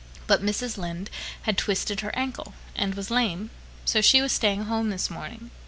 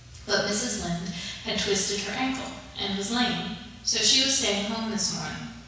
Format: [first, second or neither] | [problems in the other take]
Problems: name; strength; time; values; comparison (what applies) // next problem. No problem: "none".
first | room echo; dies away in 1.1 s